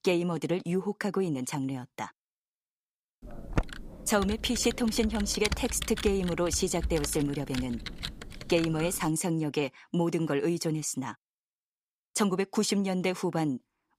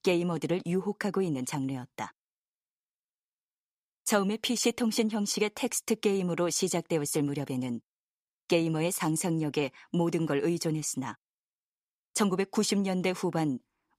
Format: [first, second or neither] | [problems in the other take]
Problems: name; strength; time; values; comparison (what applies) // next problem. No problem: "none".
second | keyboard typing; noticeable; from 3.5 to 9 s; peak 4 dB below the speech